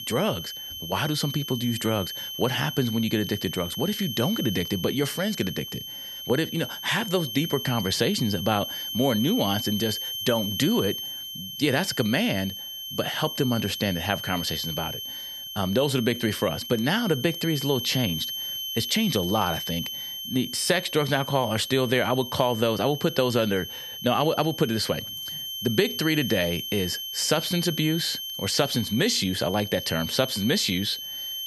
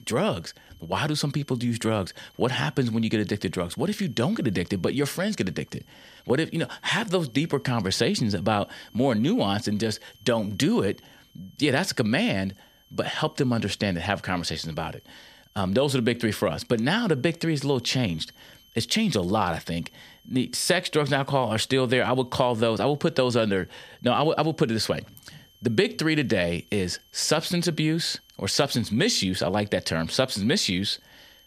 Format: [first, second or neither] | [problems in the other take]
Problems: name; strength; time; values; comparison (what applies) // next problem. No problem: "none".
second | high-pitched whine; loud; throughout; 3 kHz, 6 dB below the speech; faint in the second